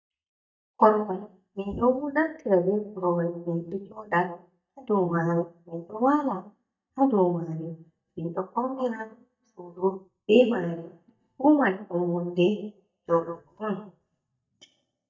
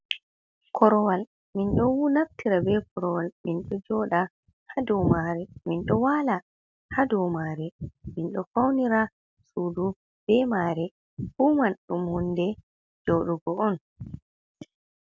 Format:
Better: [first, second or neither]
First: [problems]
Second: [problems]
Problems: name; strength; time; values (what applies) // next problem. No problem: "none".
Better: second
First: noise reduction (neural mask model DeepFilterNet 3)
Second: none